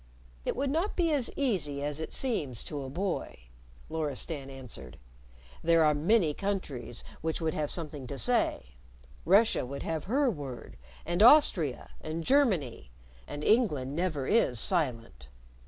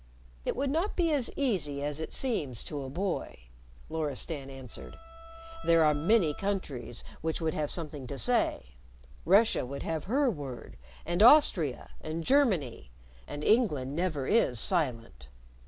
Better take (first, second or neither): first